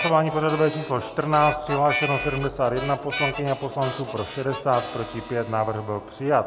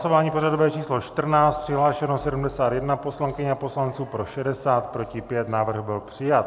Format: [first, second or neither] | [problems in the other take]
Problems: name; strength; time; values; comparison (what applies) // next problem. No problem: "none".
second | background sound (Harmonica); 10 dB below the speech